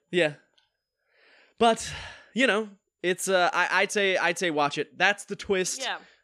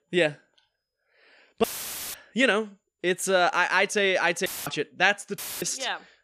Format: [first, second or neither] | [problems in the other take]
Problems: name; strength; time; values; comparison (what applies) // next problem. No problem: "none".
first | audio cutting out; filled with static; at 1.5 s for 0.5 s, at 4.5 s and at 5.5 s